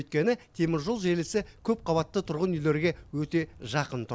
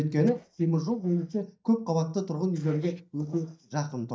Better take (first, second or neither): first